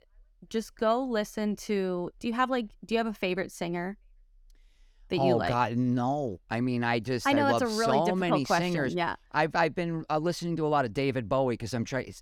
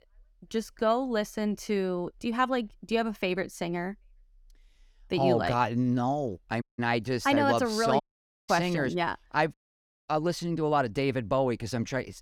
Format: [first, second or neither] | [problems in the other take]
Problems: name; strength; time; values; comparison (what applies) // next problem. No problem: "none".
first | audio cutting out; at 6.5 s, at 8 s and at 9.5 s for 0.5 s